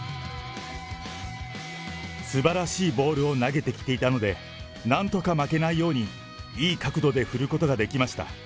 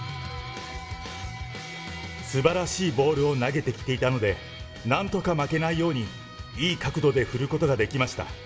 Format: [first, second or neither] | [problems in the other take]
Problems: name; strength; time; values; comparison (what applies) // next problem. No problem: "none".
first | room echo; dies away in 1 s